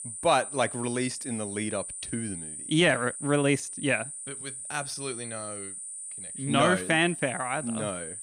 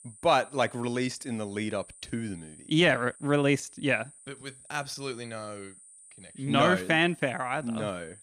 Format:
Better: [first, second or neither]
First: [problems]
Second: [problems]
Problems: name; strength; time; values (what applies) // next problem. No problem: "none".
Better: second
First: high-pitched whine; loud; throughout; 9 kHz, 8 dB below the speech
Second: high-pitched whine; faint; throughout; 9 kHz, 20 dB below the speech